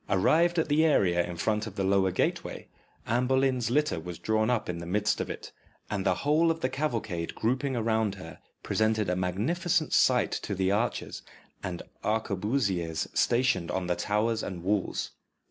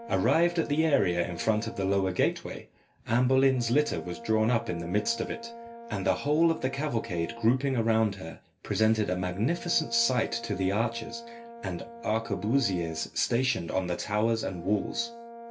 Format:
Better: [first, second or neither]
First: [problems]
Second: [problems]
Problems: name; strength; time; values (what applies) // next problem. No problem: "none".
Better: first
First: none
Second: background sound (Brass instrument); 16 dB below the speech // room echo; dies away in 0.2 s